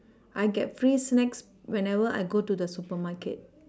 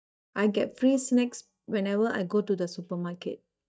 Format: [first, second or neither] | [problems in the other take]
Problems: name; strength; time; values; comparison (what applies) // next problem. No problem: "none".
first | noise reduction (neural mask model DeepFilterNet 3)